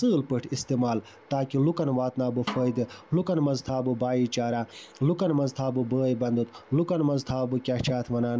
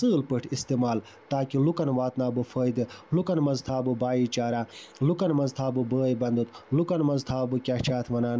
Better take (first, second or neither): second